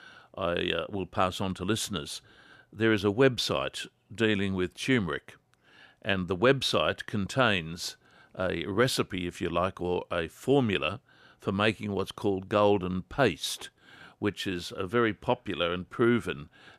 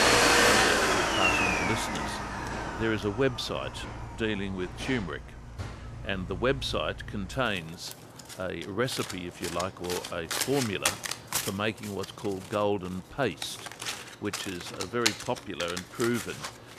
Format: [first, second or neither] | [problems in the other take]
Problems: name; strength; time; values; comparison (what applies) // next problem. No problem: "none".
first | household noises; very loud; throughout; 4 dB above the speech